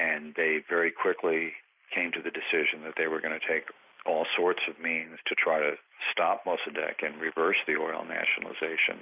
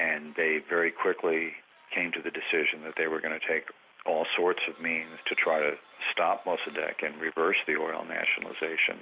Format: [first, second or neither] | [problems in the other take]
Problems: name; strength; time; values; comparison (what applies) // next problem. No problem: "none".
second | noise reduction (neural mask model Resemble Enhance denoiser)